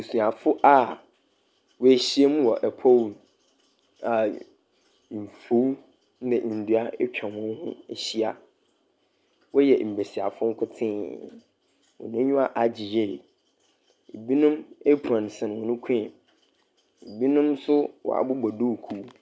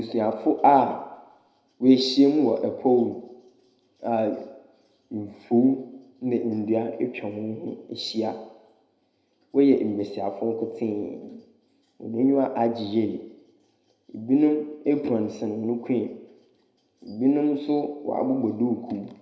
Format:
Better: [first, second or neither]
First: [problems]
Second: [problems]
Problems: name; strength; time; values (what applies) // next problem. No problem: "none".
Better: first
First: none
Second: room echo; dies away in 0.8 s